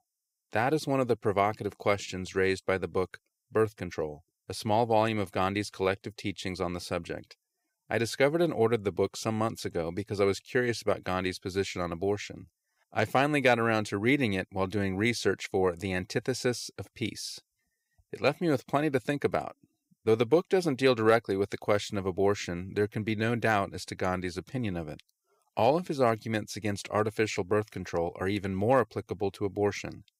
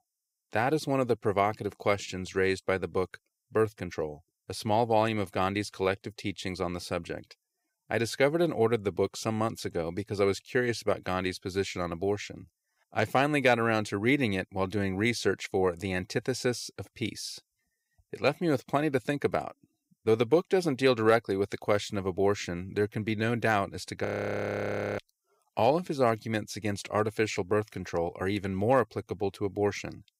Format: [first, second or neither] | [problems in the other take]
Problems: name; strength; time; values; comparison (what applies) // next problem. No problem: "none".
first | audio freezing; at 24 s for 1 s